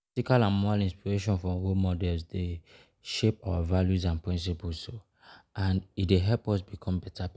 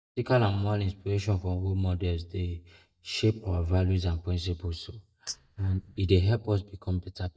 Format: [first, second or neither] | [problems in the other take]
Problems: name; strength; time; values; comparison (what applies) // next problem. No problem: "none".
first | noise reduction (neural mask model DeepFilterNet 3)